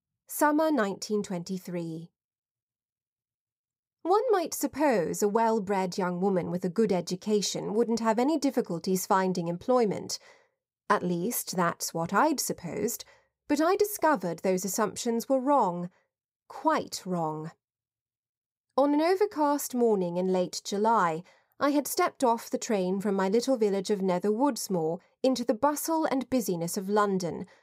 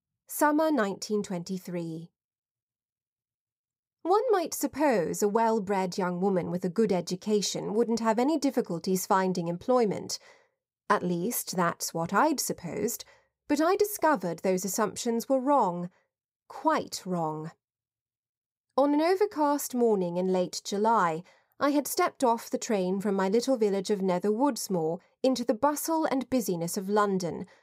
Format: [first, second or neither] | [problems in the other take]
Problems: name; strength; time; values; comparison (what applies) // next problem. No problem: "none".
neither | none